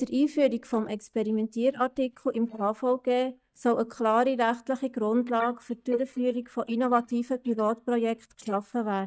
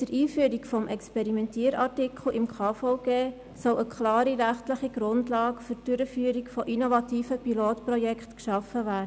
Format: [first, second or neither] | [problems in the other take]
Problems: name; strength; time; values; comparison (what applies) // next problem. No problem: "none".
second | noise reduction (neural mask model DeepFilterNet 3)